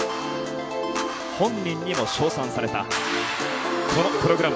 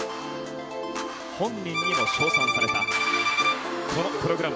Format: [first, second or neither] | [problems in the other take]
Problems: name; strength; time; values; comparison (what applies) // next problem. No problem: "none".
first | background sound (Bowed string instrument); 3 dB above the speech